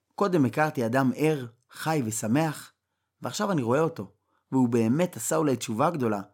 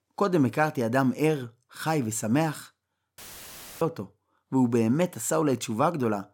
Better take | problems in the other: first | audio cutting out; filled with static; at 3 s for 0.5 s

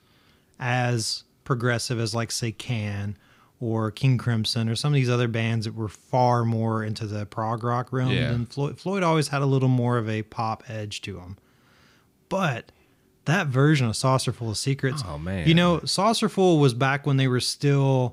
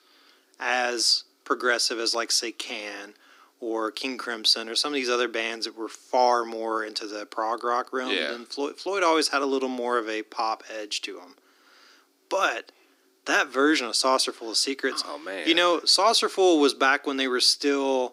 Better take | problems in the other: first | thin; somewhat; fading below 300 Hz

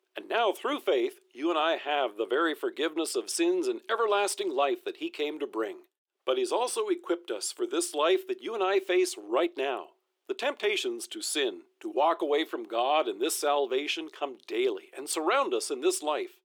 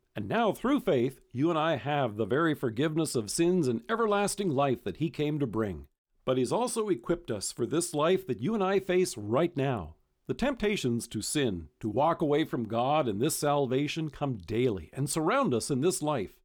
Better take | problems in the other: second | thin; very; fading below 350 Hz

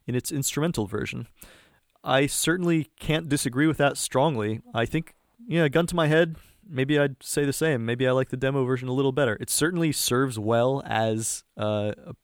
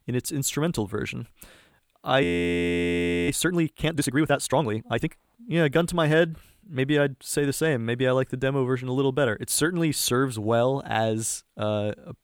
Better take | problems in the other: first | audio freezing; at 2 s for 1 s

